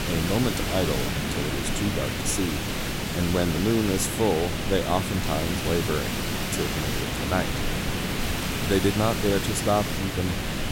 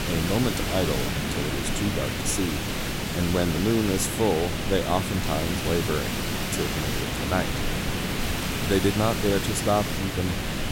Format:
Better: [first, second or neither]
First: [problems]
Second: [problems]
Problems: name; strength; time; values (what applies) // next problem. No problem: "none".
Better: neither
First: hiss; loud; throughout; 1 dB below the speech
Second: hiss; loud; throughout; 1 dB below the speech